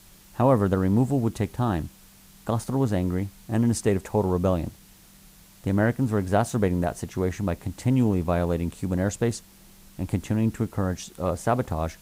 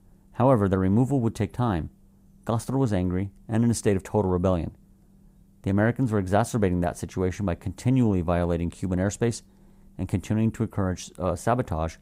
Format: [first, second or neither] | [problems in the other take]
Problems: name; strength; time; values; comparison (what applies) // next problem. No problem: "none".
second | hiss; faint; throughout; 25 dB below the speech